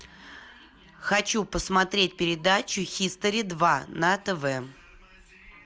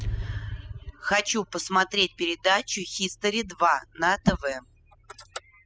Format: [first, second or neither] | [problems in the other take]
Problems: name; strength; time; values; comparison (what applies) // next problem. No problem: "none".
first | noise reduction (classical method spectral subtraction)